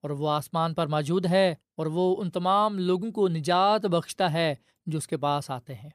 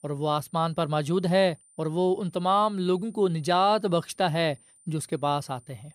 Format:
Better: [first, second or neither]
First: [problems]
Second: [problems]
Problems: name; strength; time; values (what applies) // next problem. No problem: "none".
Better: first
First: none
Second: high-pitched whine; faint; throughout; 9 kHz, 30 dB below the speech